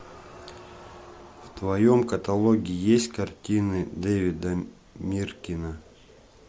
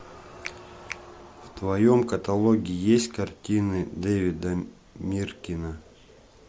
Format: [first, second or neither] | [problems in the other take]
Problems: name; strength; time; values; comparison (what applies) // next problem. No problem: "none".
first | background sound (Finger snapping); 16 dB below the speech